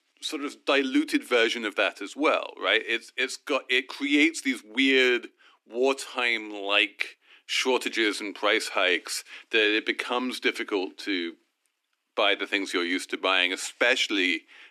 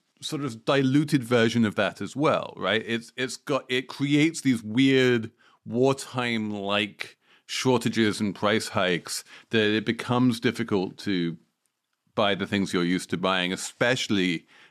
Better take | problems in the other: second | thin; very slightly; fading below 300 Hz

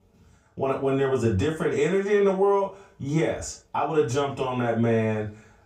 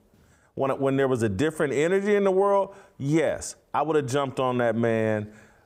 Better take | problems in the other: second | room echo; slight; dies away in 0.2 s // off-mic speech; far

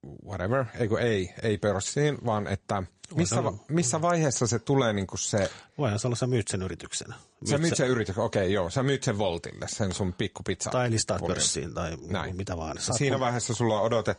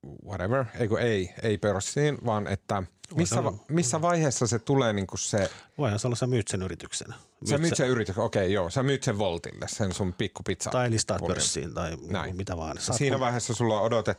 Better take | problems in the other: second | garbled, watery; slightly; nothing above 8.5 kHz

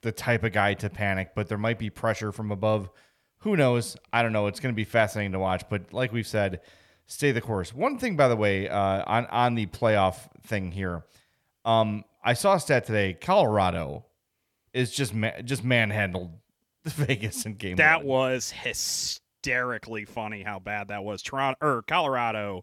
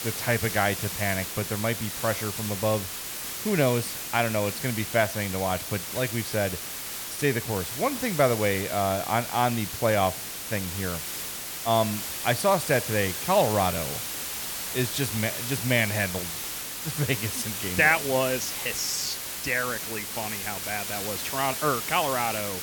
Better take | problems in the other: first | hiss; loud; throughout; 4 dB below the speech

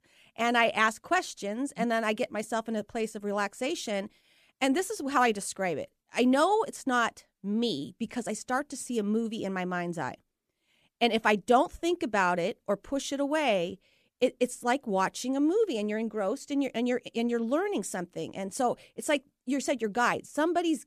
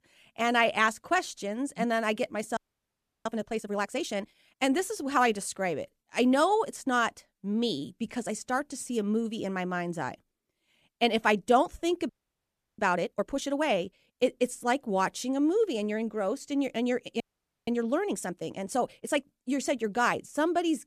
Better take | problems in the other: first | audio freezing; at 2.5 s for 0.5 s, at 12 s for 0.5 s and at 17 s

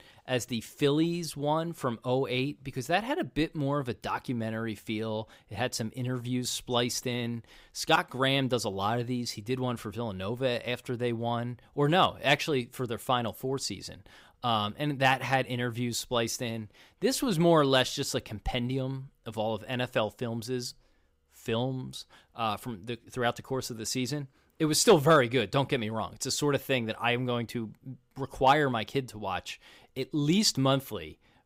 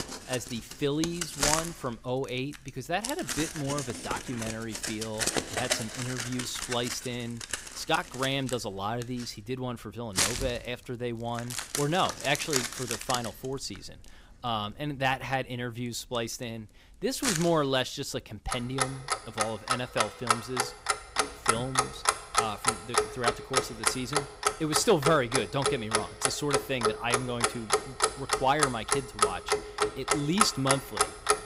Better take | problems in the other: first | household noises; very loud; throughout; 1 dB above the speech

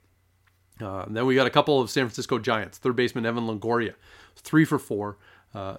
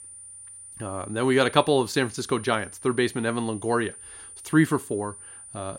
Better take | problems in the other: first | high-pitched whine; noticeable; throughout; 9.5 kHz, 15 dB below the speech

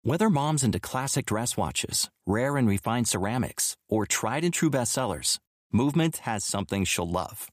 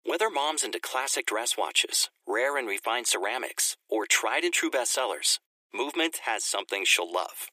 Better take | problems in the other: first | thin; very; fading below 350 Hz

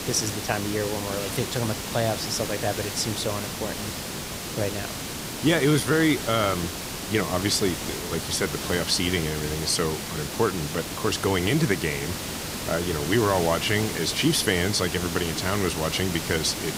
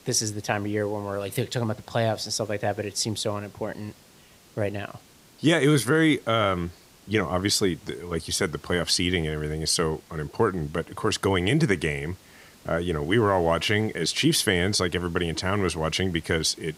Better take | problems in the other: second | hiss; loud; throughout; 5 dB below the speech; faint in the second

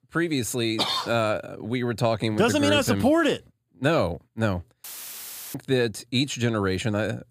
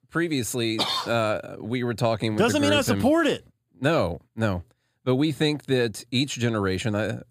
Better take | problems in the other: second | audio cutting out; filled with static; at 5 s for 0.5 s

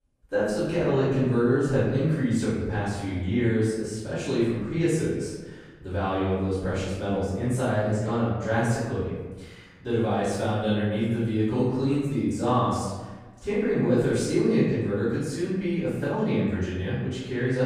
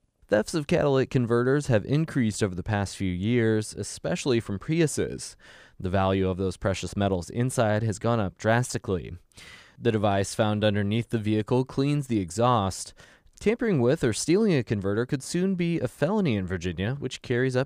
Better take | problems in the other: second | room echo; strong; dies away in 1.2 s // off-mic speech; far

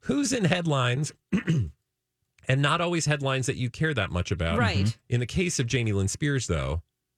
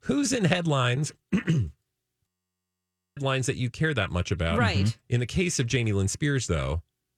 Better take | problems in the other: first | audio freezing; at 2.5 s for 1 s

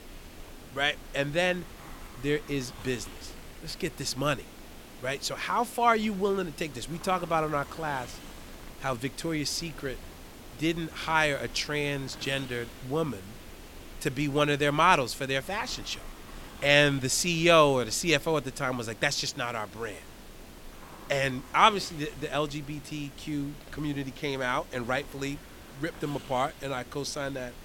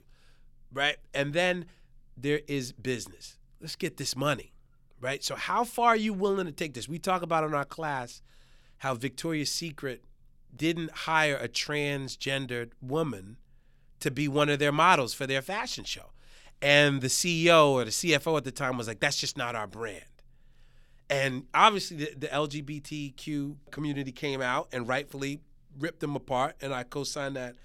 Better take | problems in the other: second | hiss; noticeable; throughout; 20 dB below the speech

